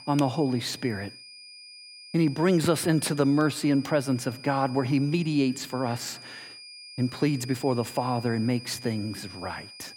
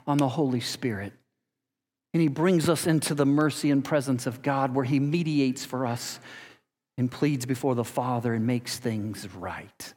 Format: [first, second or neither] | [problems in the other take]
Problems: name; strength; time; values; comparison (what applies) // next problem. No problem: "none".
second | high-pitched whine; noticeable; throughout; 5 kHz, 15 dB below the speech